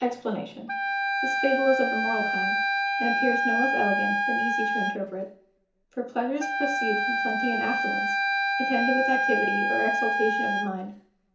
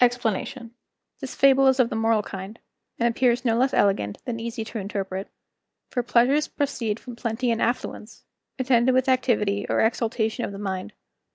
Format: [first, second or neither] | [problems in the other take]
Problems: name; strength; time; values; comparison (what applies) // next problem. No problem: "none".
second | background sound (Wind instrument, woodwind instrument); 3 dB above the speech // room echo; dies away in 0.7 s